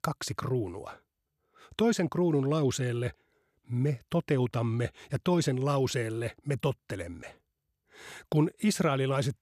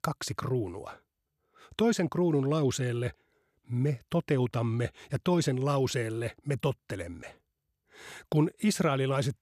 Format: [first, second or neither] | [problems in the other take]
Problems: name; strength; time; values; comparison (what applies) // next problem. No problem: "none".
neither | none